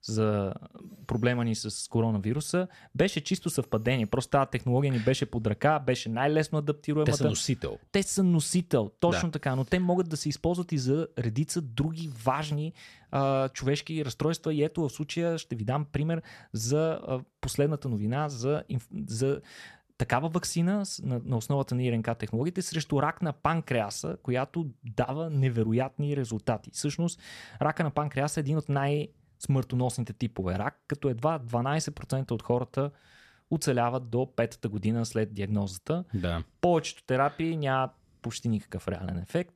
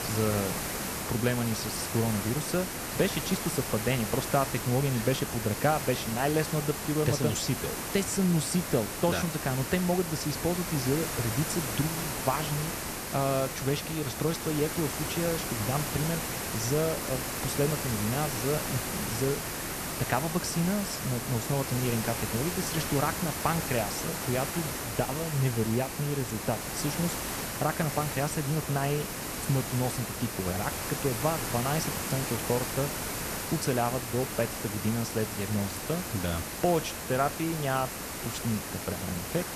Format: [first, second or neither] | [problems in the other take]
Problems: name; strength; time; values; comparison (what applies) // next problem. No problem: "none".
first | hiss; loud; throughout; 2 dB below the speech